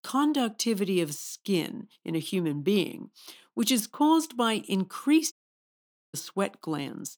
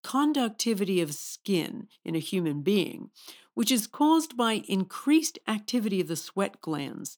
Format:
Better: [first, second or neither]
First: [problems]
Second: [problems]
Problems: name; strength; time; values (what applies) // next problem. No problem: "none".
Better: second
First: audio cutting out; at 5.5 s for 1 s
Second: none